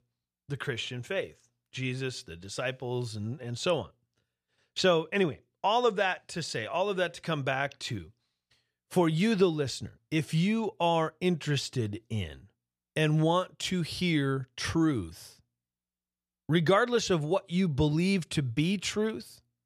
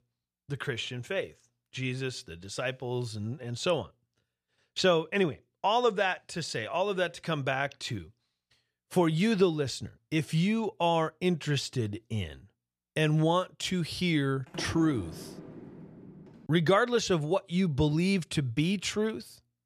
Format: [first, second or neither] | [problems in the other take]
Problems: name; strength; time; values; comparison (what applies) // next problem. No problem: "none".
first | door banging; faint; from 14 to 16 s; peak 10 dB below the speech